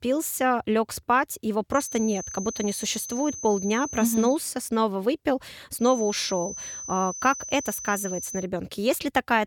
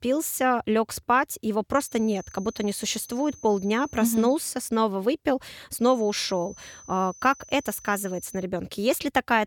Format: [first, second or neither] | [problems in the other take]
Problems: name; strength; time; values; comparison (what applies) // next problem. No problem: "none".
second | high-pitched whine; loud; from 2 to 4.5 s and from 6 to 8.5 s; 6 kHz, 9 dB below the speech; faint in the second